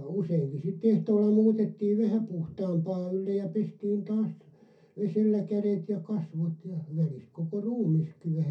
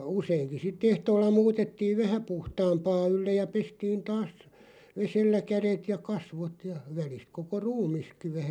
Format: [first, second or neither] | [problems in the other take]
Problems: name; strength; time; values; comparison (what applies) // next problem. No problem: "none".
second | room echo; dies away in 0.3 s